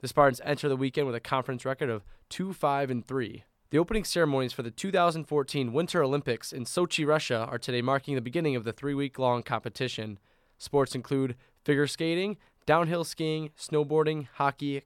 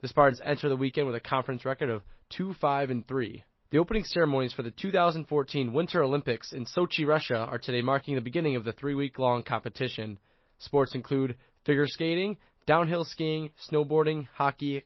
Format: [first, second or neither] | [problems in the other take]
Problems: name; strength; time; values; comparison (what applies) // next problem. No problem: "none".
first | garbled, watery; slightly; nothing above 5.5 kHz